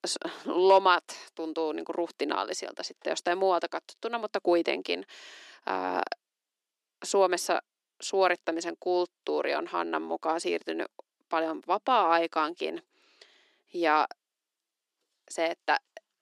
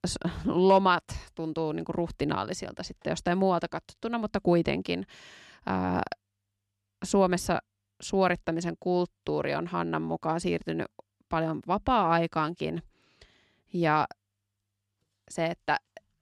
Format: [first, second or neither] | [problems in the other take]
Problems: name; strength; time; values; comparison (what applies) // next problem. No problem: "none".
second | thin; somewhat; fading below 300 Hz